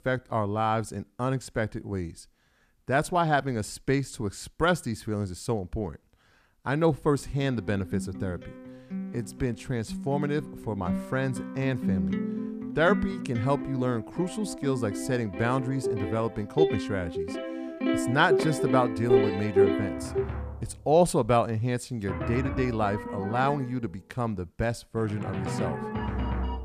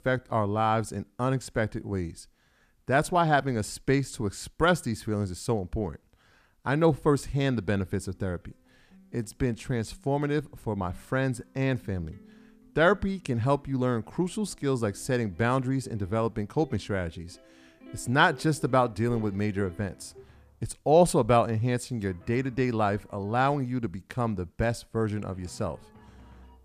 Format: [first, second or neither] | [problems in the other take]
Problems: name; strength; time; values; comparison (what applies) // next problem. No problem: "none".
second | background music; loud; from 7.5 s on; 2 dB below the speech; faint in the second